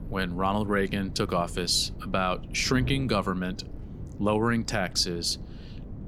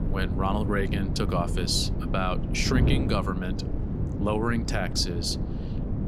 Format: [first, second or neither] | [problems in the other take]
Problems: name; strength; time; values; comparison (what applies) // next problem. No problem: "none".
first | wind noise on the microphone; heavy; 9 dB below the speech; occasional gusts in the first